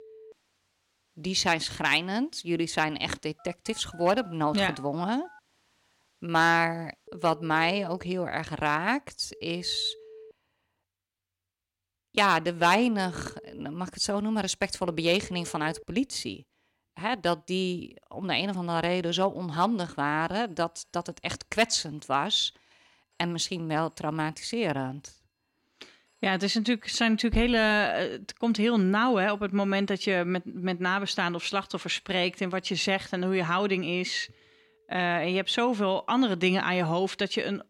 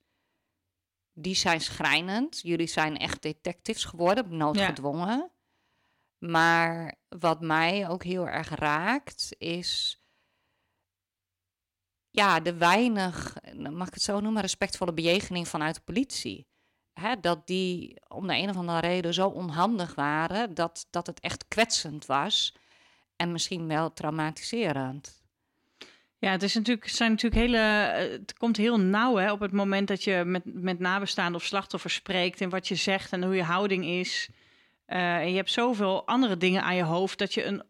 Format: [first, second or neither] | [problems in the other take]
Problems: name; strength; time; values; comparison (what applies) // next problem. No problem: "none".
second | alarms or sirens; faint; throughout; 25 dB below the speech